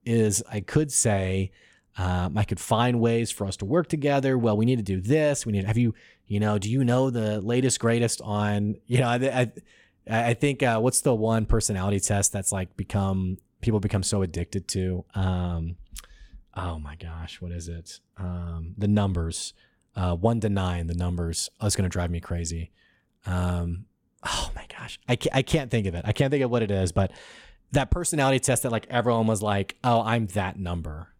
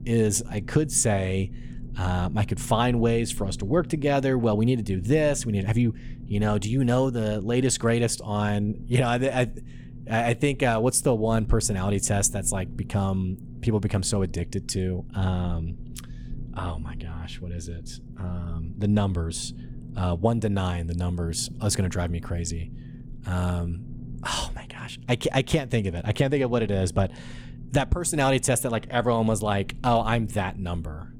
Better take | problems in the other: first | low rumble; faint; throughout; 20 dB below the speech

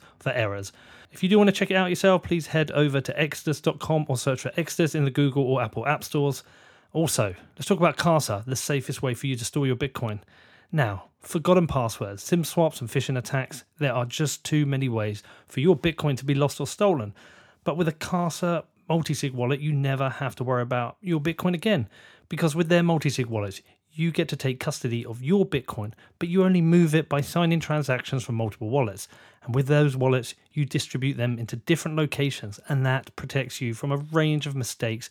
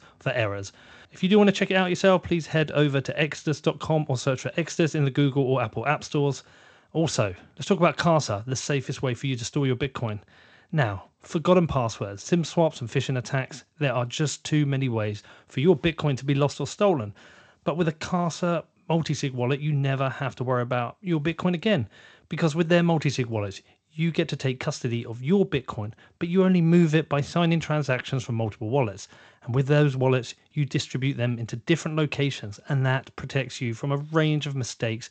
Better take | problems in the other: first | garbled, watery; slightly; nothing above 8 kHz

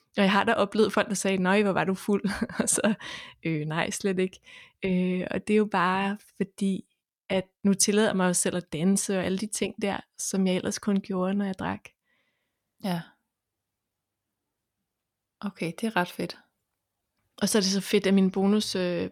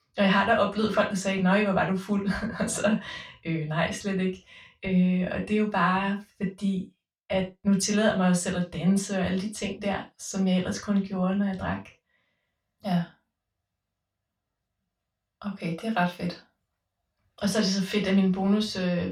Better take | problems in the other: first | room echo; slight; dies away in 0.2 s // off-mic speech; far

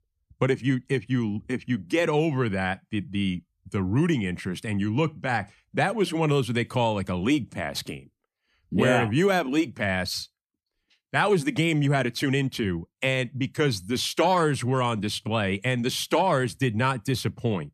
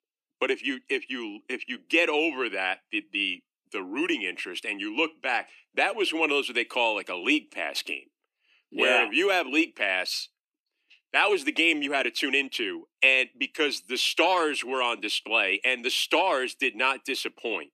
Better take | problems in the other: first | thin; somewhat; fading below 300 Hz

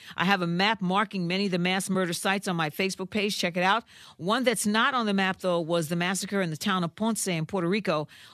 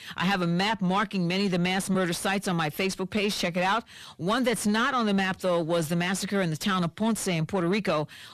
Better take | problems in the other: first | distortion; slight; 10 dB below the speech

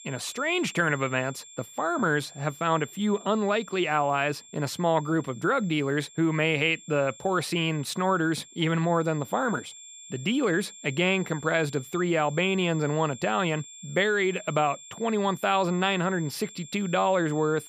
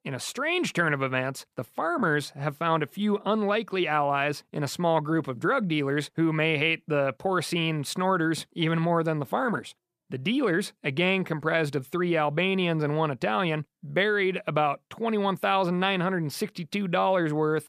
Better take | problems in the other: second | high-pitched whine; noticeable; throughout; 7.5 kHz, 20 dB below the speech

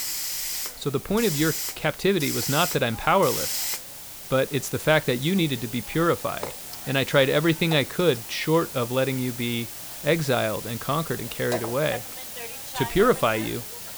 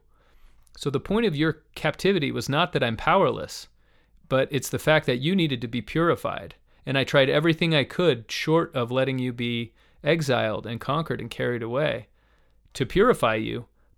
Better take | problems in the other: second | hiss; loud; throughout; 7 dB below the speech

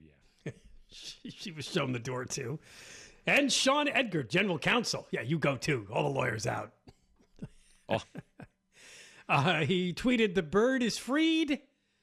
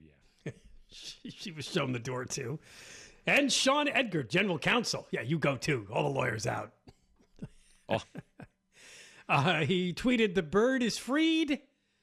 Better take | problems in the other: neither | none

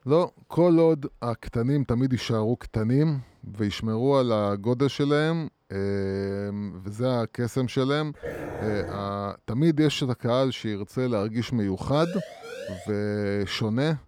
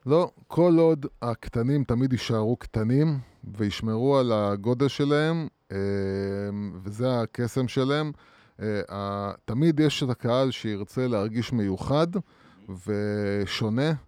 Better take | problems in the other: second | dog barking; noticeable; at 8 s; peak 9 dB below the speech // siren; faint; at 12 s; peak 10 dB below the speech

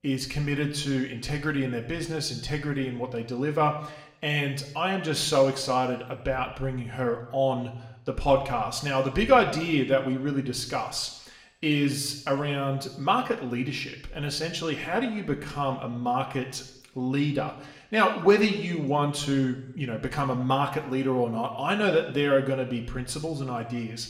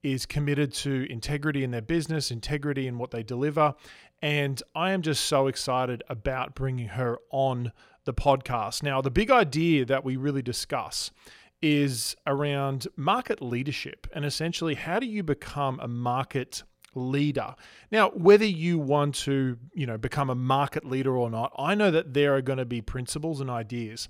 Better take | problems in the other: second | room echo; slight; dies away in 0.7 s

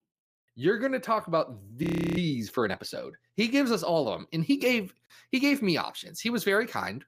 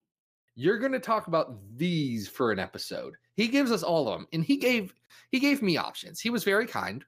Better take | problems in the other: second | audio freezing; at 2 s

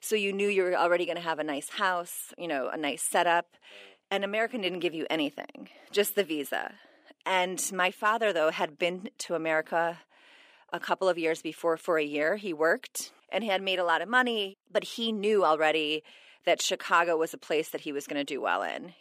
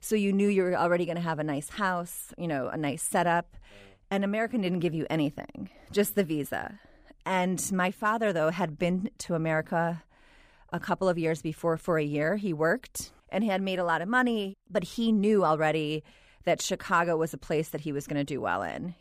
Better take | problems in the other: second | thin; somewhat; fading below 300 Hz

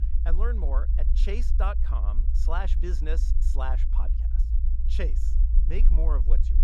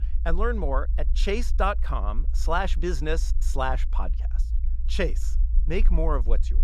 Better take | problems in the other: second | low rumble; loud; throughout; 10 dB below the speech; faint in the second

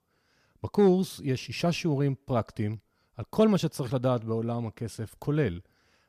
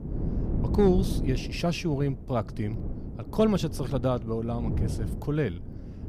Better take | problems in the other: first | wind noise on the microphone; occasional gusts; 10 dB below the speech

